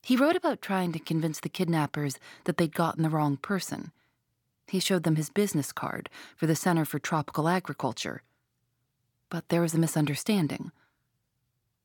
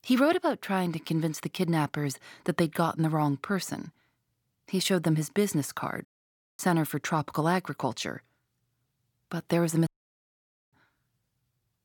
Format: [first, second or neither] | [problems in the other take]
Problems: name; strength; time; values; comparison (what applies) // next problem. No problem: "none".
first | audio cutting out; at 6 s for 0.5 s and at 10 s for 1 s